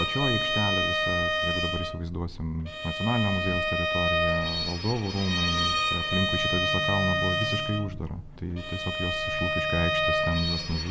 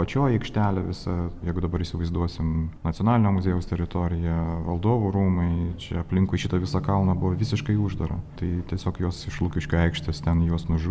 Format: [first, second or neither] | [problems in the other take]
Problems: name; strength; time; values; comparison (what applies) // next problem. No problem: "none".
second | background sound (Bowed string instrument); 2 dB above the speech